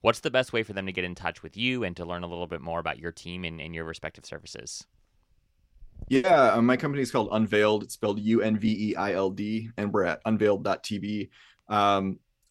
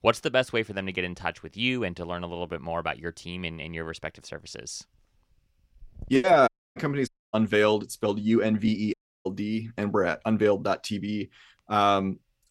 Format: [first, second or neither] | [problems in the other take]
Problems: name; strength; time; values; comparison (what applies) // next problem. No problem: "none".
first | audio cutting out; at 6.5 s, at 7 s and at 9 s